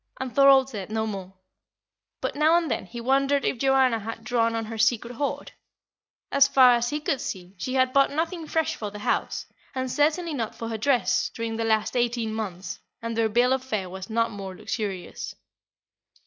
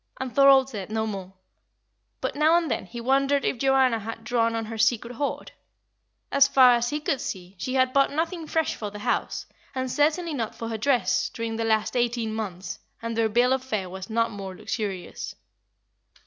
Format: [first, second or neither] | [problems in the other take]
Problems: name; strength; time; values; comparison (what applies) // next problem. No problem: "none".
second | noise reduction (neural mask model Resemble Enhance denoiser)